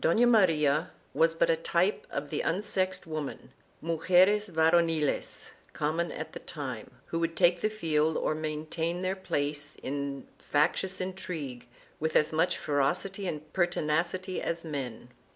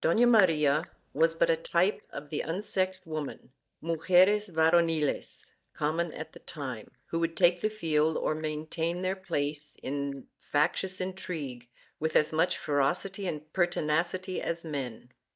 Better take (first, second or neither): first